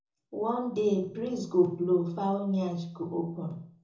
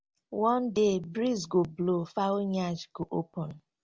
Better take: second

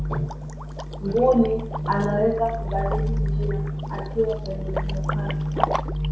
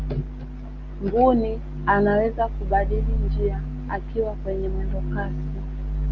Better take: second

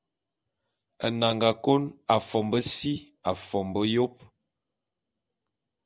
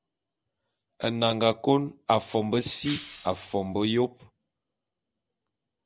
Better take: first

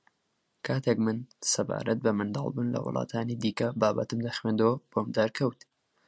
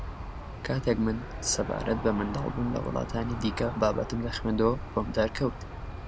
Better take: first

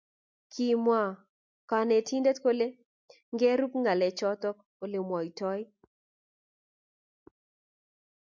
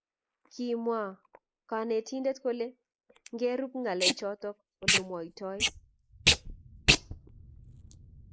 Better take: first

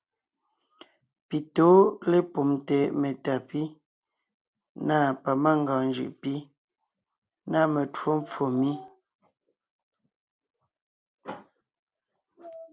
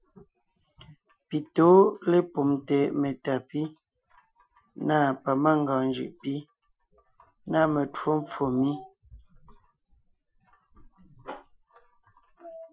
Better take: first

